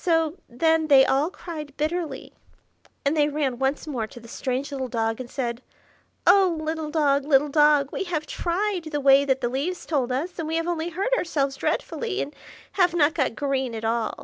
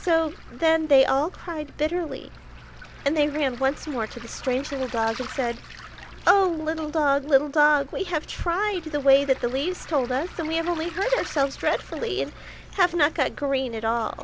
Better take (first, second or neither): first